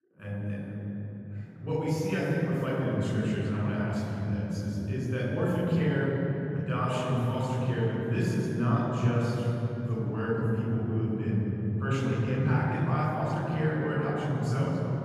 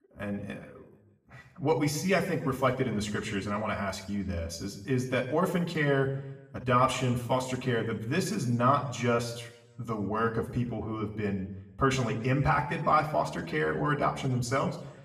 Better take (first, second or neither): second